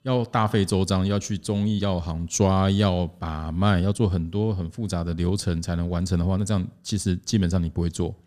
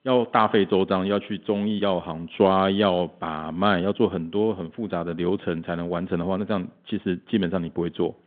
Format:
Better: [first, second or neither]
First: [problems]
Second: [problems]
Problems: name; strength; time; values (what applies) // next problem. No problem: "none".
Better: first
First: none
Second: phone-call audio